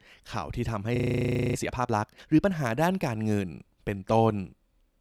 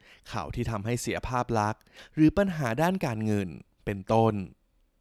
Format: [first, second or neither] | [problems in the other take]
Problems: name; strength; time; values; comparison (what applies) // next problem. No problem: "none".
second | audio freezing; at 1 s for 0.5 s